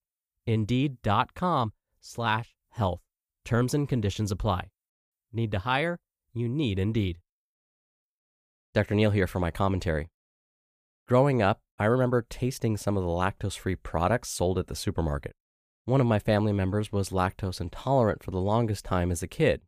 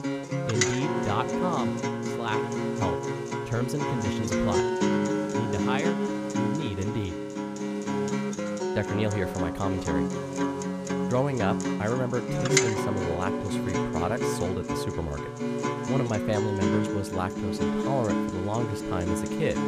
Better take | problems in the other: first | background music; very loud; throughout; 2 dB above the speech

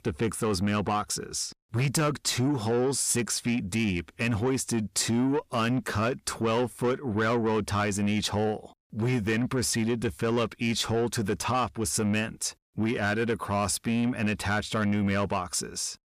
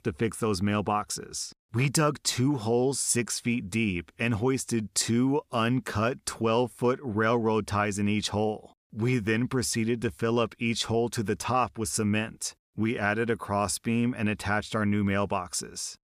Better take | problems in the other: second | distortion; slight; 10 dB below the speech

